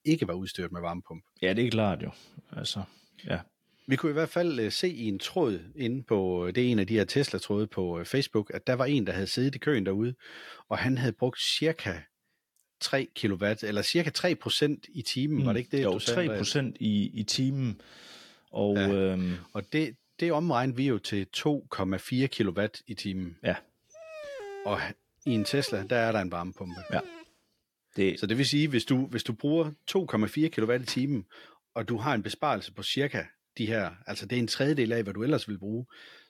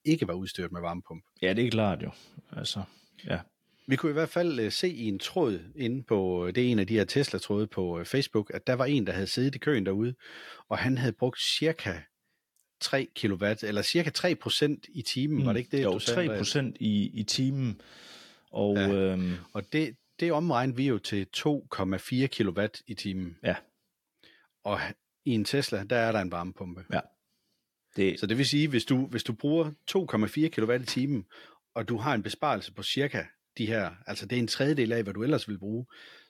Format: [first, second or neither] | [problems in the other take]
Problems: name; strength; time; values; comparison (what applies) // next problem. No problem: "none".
second | dog barking; faint; from 24 to 27 s; peak 10 dB below the speech